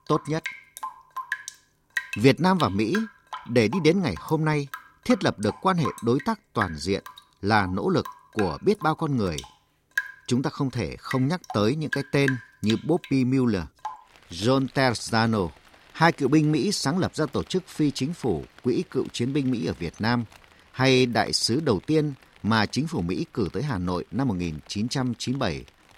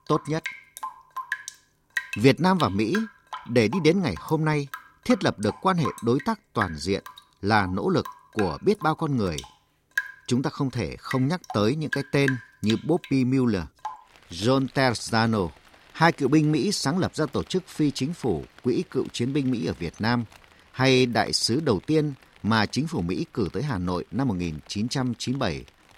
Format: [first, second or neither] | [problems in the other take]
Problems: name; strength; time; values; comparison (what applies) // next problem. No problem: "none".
neither | rain or running water; noticeable; throughout; 10 dB below the speech; the same in both